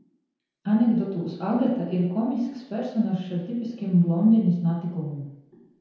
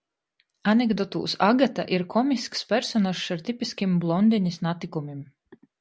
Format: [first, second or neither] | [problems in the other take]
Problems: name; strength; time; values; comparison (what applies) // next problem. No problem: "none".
second | room echo; dies away in 0.9 s